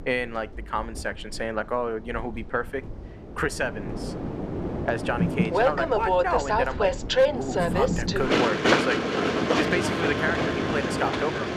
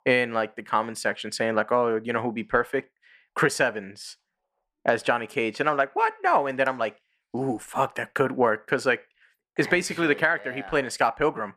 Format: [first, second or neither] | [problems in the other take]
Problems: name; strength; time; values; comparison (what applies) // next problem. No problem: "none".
second | train or aircraft noise; very loud; throughout; 4 dB above the speech